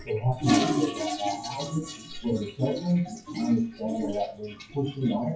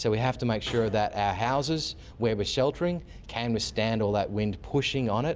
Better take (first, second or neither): second